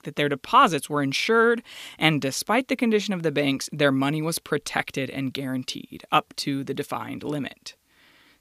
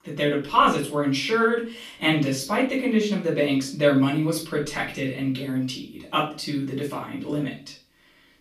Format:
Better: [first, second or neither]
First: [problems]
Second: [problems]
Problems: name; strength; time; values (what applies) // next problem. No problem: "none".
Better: first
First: none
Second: off-mic speech; far // room echo; slight; dies away in 0.4 s